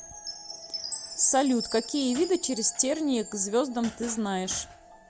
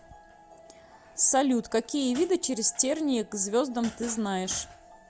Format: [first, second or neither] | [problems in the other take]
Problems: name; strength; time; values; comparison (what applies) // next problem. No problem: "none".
second | background sound (Chime); 13 dB below the speech